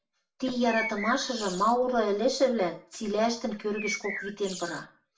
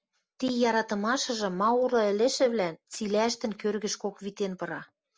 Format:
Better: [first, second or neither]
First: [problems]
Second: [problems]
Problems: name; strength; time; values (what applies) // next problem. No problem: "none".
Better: second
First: background sound (Bird); 10 dB below the speech // room echo; dies away in 0.3 s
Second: none